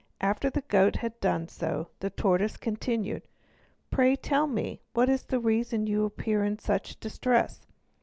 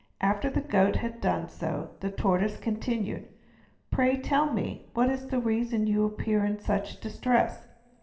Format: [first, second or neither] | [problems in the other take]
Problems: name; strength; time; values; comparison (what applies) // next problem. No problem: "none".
first | room echo; dies away in 0.9 s